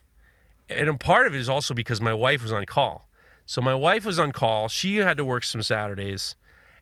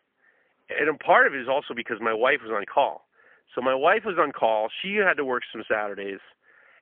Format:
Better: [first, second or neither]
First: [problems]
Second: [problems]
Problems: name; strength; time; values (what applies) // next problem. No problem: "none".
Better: first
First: none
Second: phone-call audio; poor line; nothing above 3.5 kHz